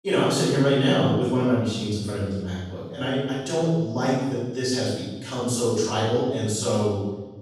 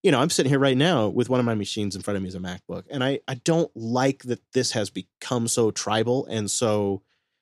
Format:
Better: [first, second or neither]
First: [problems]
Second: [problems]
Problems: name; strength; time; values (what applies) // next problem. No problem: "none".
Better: second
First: off-mic speech; far // room echo; strong; dies away in 1.1 s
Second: none